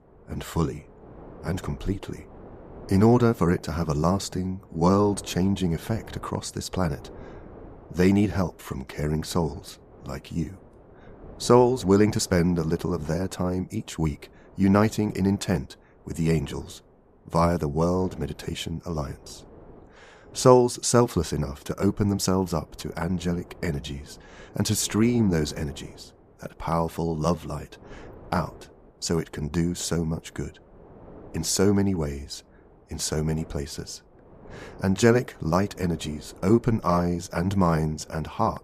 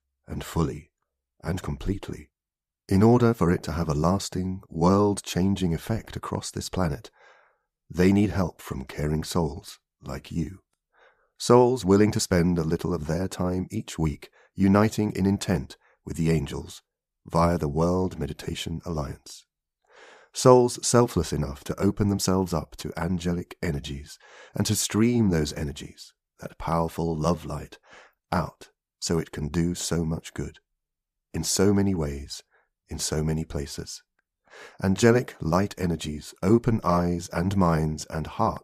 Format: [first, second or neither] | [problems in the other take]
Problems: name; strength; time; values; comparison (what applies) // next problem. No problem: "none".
second | wind noise on the microphone; occasional gusts; 25 dB below the speech